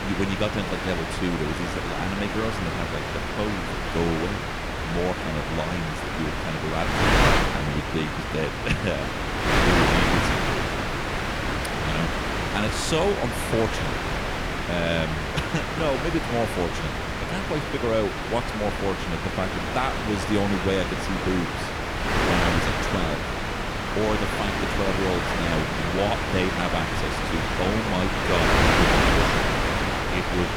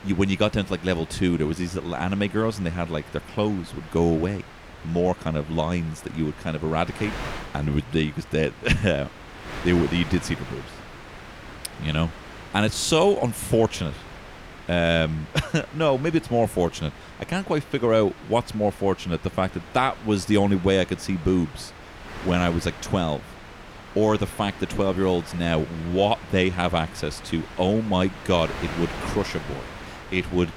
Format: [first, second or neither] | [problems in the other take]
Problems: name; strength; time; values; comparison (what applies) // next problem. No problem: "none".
second | wind noise on the microphone; heavy; 5 dB above the speech; occasional gusts in the second